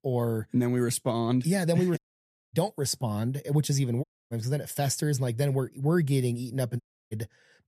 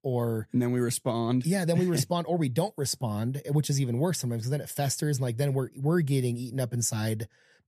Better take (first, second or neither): second